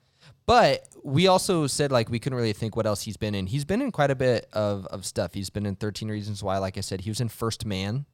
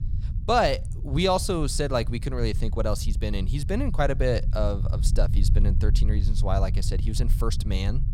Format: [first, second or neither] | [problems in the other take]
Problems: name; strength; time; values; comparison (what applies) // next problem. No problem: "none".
first | low rumble; noticeable; throughout; 15 dB below the speech